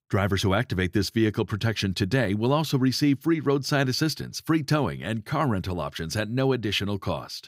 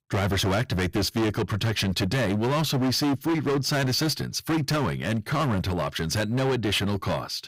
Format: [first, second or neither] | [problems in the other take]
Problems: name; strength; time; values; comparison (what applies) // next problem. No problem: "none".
first | distortion; heavy; 25% of the sound clipped